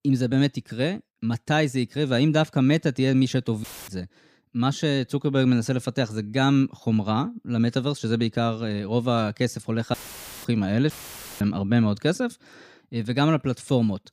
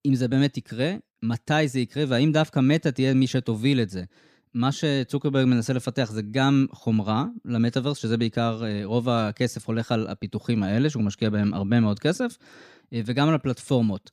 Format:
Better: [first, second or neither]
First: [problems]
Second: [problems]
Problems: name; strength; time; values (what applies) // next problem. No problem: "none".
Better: second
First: audio cutting out; filled with static; at 3.5 s, at 10 s for 0.5 s and at 11 s for 0.5 s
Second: none